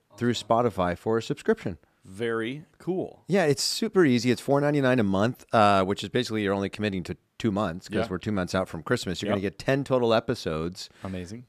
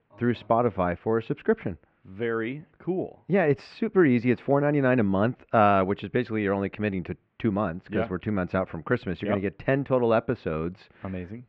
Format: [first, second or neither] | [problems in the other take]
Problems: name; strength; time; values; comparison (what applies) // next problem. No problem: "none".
first | muffled; very; fading above 2.5 kHz